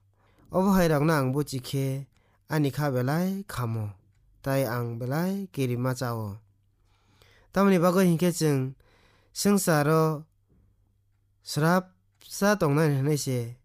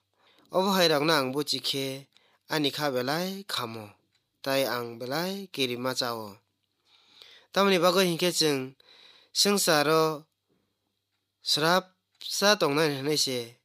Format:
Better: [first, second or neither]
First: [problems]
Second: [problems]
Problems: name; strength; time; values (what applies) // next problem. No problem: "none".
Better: first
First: none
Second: thin; somewhat; fading below 300 Hz